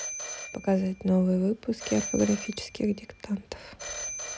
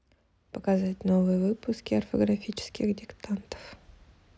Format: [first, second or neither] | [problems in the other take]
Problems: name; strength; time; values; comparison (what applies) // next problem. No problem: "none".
second | background sound (Telephone); 11 dB below the speech